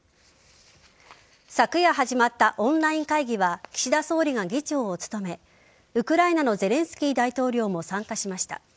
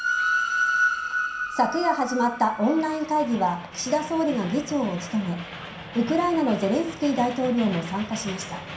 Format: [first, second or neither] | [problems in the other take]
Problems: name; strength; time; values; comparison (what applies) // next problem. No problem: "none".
first | background sound (Train); 5 dB below the speech // room echo; dies away in 0.5 s